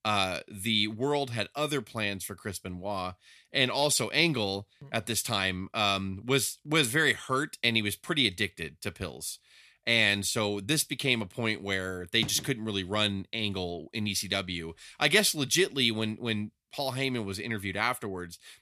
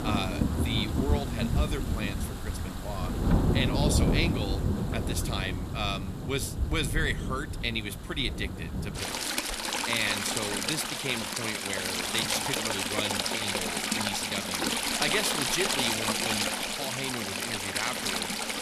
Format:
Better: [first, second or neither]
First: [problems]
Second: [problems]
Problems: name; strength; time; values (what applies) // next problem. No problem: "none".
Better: first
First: none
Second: rain or running water; very loud; throughout; 4 dB above the speech